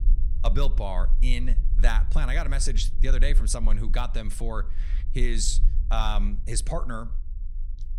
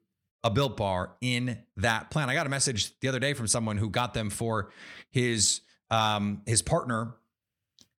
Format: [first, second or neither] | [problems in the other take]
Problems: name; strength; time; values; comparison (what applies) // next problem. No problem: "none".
second | low rumble; noticeable; throughout; 20 dB below the speech